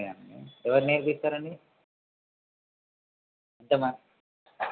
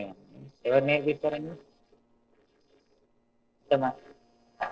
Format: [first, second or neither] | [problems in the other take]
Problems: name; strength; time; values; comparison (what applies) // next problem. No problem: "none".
first | noise reduction (neural separator model SepFormer DNS4)